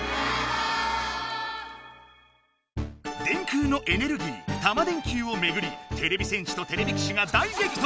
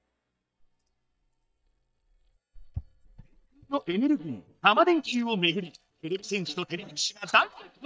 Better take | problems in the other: first | noise reduction (neural mask model DeepFilterNet 3)

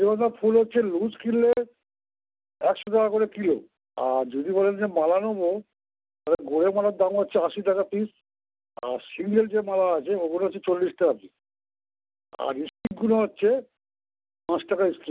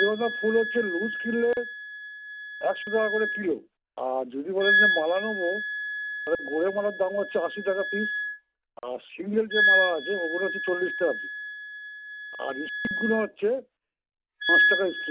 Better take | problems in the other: first | background sound (Wind instrument, woodwind instrument); as loud as the speech

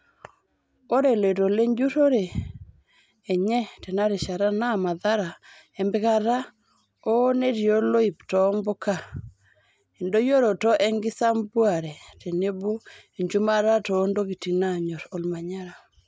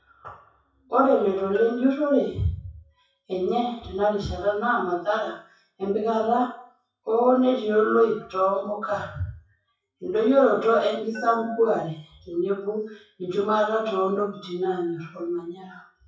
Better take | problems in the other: first | noise reduction (classical method WPE with log-MMSE)

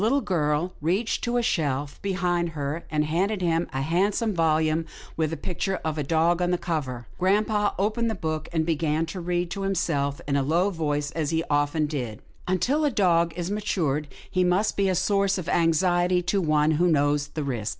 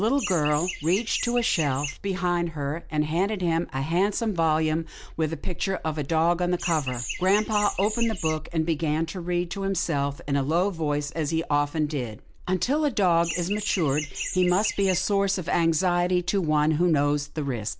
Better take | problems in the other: first | background sound (Chirp, tweet); 8 dB below the speech

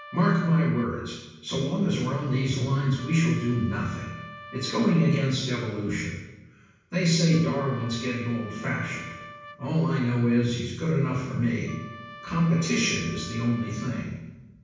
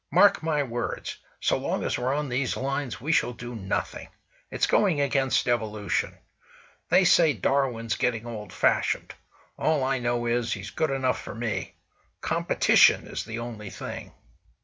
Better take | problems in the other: second | background sound (Trumpet); 20 dB below the speech // room echo; dies away in 1.2 s

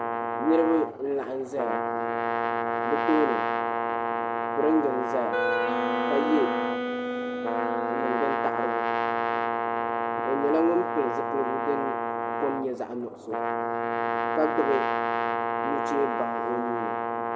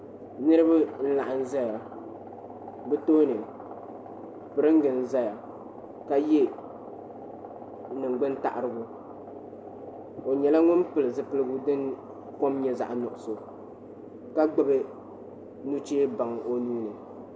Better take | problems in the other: second | background sound (Wind instrument, woodwind instrument + Brass instrument); 2 dB above the speech

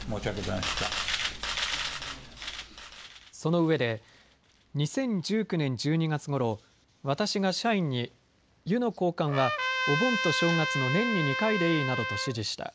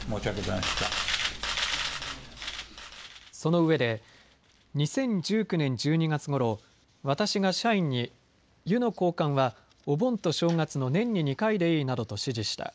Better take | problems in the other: second | background sound (Trumpet); 1 dB below the speech

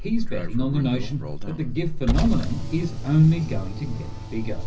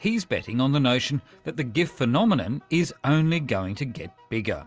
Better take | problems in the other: second | background sound (Car); 1 dB below the speech // room echo; dies away in 0.4 s

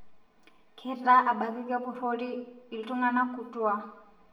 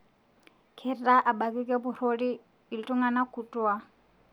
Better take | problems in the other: second | room echo; dies away in 0.7 s

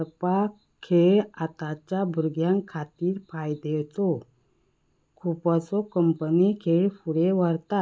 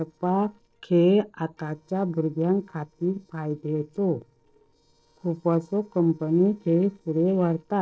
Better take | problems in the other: first | noise reduction (neural separator model SepFormer DNS4)

